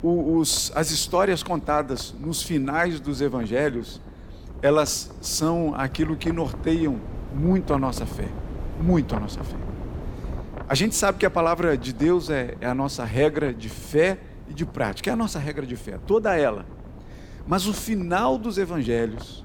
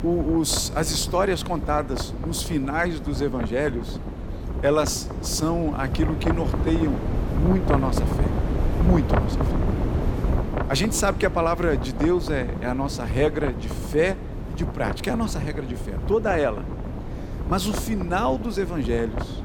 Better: first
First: wind noise on the microphone; occasional gusts; 20 dB below the speech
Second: wind noise on the microphone; heavy; 8 dB below the speech

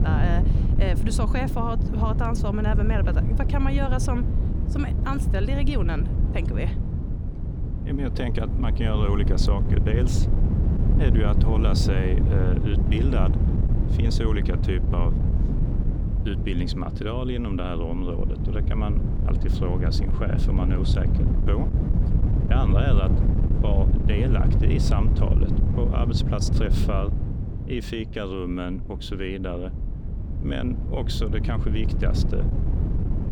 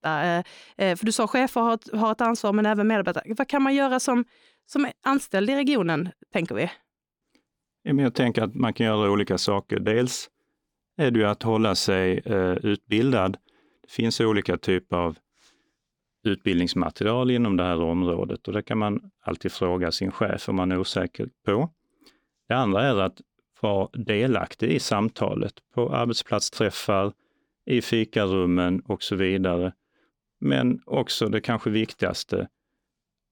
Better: second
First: wind noise on the microphone; heavy; 4 dB below the speech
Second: none

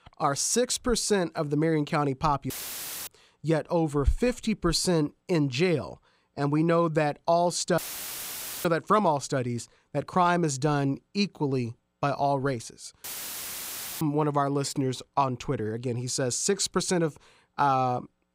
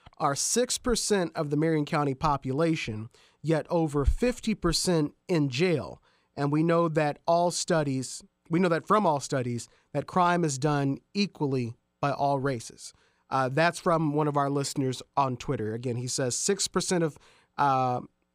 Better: second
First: audio cutting out; filled with static; at 2.5 s for 0.5 s, at 8 s for 1 s and at 13 s for 1 s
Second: none

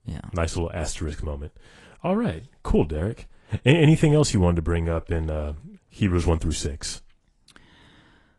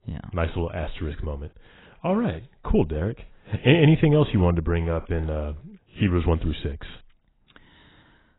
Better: first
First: garbled, watery; slightly; nothing above 10.5 kHz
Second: garbled, watery; badly; nothing above 4 kHz

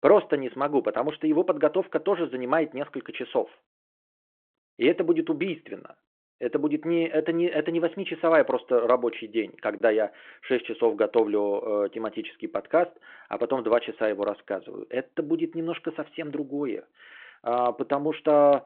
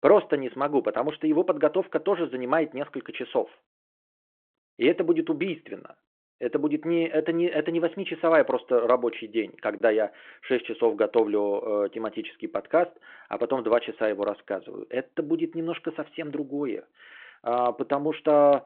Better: neither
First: phone-call audio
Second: phone-call audio

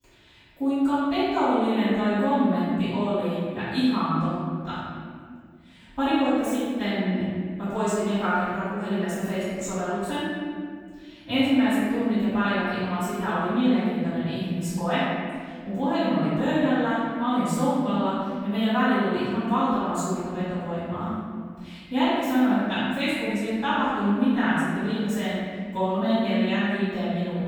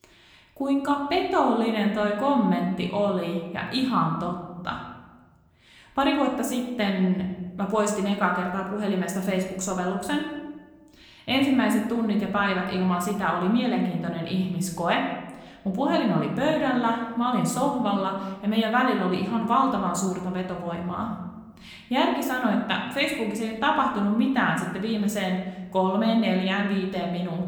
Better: second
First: room echo; strong; dies away in 2 s // off-mic speech; far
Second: room echo; slight; dies away in 1 s // off-mic speech; somewhat distant

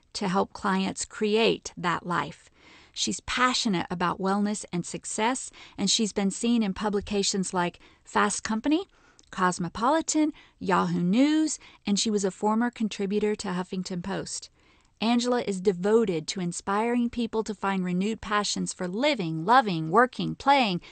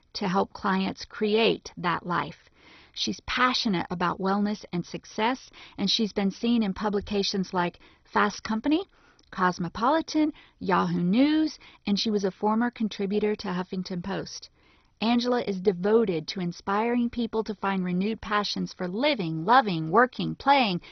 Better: first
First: garbled, watery; slightly; nothing above 8.5 kHz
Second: garbled, watery; badly; nothing above 6 kHz

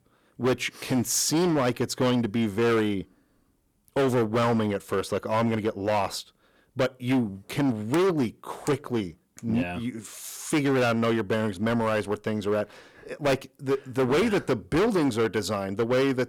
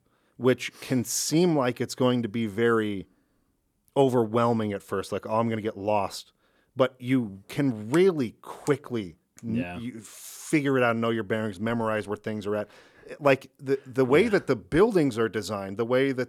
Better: second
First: distortion; heavy; 12% of the sound clipped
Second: none

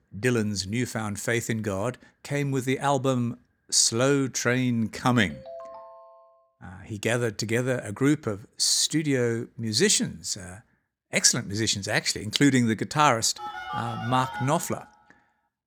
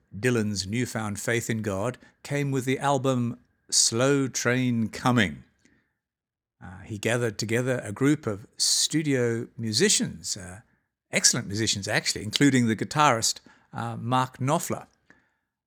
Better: second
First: phone ringing; faint; from 5.5 to 6.5 s; peak 15 dB below the speech // phone ringing; noticeable; from 13 to 15 s; peak 9 dB below the speech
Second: none

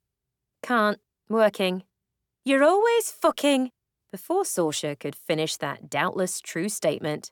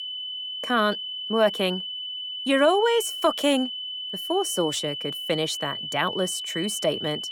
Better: first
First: none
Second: high-pitched whine; loud; throughout; 3 kHz, 5 dB below the speech

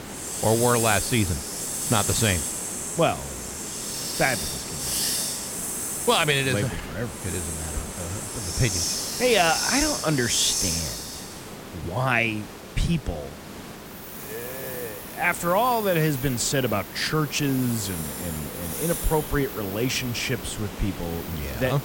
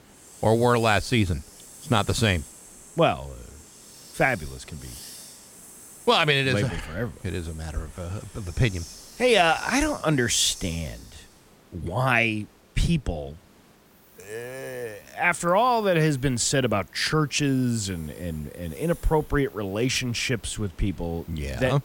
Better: second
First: hiss; loud; throughout; 3 dB below the speech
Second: hiss; faint; throughout; 20 dB below the speech

